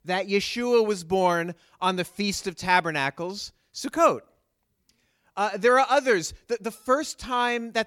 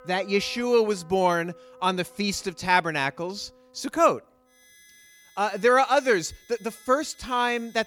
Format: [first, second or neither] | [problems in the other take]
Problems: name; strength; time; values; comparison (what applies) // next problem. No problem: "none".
first | background music; faint; throughout; 25 dB below the speech